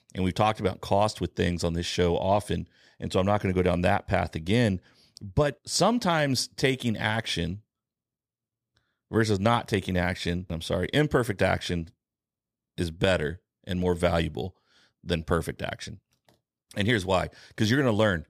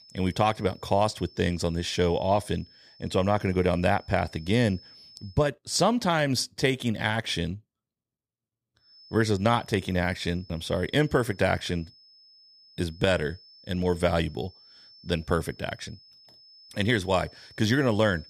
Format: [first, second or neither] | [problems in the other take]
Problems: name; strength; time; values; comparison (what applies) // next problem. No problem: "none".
first | high-pitched whine; faint; until 5.5 s and from 9 s on; 5.5 kHz, 25 dB below the speech